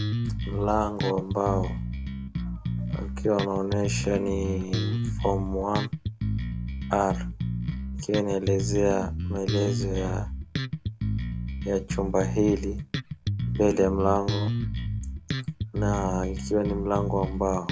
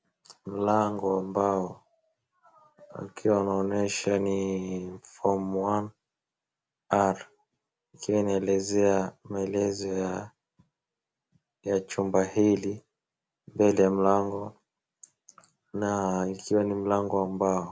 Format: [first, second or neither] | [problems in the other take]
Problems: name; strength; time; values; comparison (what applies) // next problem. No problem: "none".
second | background sound (Bass guitar); 1 dB below the speech